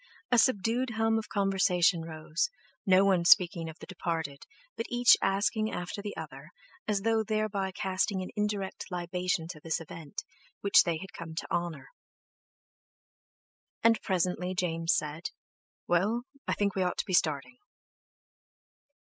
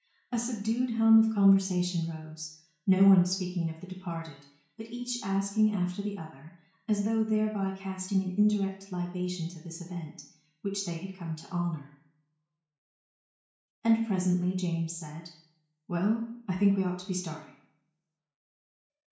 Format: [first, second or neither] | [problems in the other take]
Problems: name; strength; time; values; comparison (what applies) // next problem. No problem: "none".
first | room echo; dies away in 0.6 s